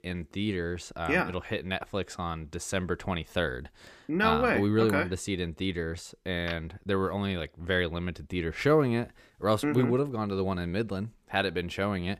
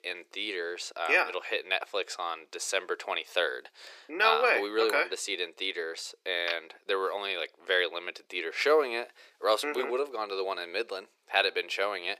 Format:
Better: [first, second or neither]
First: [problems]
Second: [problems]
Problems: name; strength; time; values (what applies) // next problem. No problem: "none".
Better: first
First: none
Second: thin; very; fading below 400 Hz